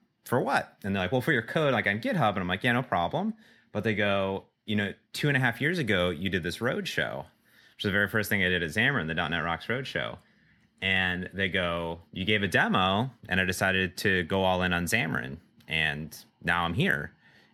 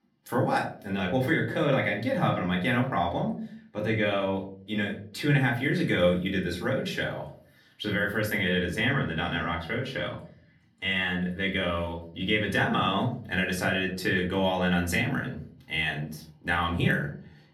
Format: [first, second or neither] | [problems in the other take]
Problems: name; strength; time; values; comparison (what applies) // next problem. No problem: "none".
first | room echo; slight; dies away in 0.4 s // off-mic speech; far